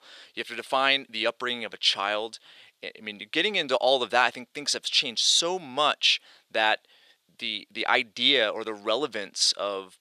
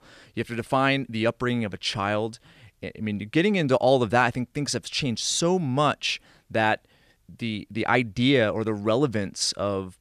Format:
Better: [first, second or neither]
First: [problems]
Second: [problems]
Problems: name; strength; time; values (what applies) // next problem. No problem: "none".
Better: second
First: thin; somewhat; fading below 500 Hz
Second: none